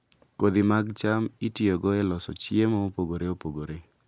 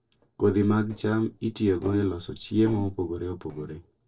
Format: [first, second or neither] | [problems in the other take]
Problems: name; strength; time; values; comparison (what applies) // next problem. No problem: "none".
first | noise reduction (neural separator model SepFormer DNS4)